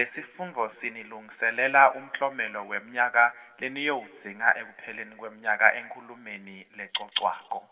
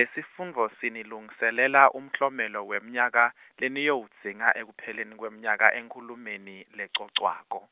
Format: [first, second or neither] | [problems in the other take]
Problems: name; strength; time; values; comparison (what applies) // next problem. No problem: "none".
second | room echo; dies away in 1 s